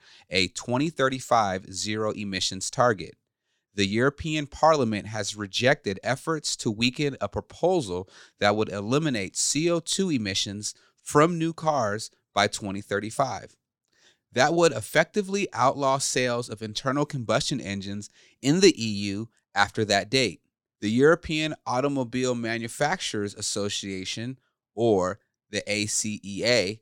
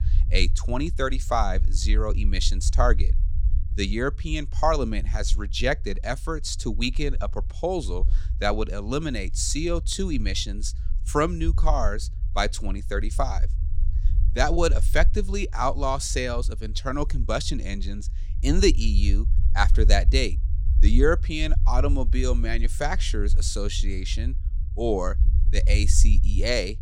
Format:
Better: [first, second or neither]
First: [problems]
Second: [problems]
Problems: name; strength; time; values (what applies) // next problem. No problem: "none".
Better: first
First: none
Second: low rumble; faint; throughout; 20 dB below the speech